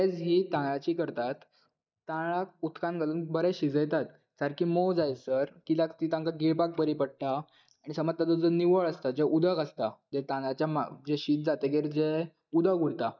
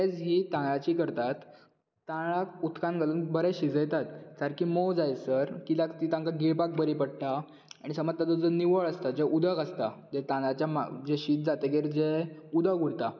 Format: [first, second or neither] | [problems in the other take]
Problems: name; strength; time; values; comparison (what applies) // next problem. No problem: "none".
second | noise reduction (neural mask model DeepFilterNet 3)